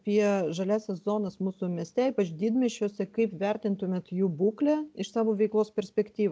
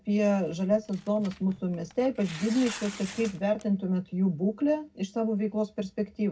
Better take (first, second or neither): first